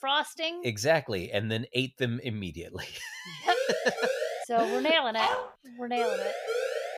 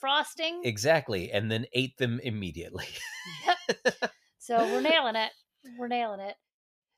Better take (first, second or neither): second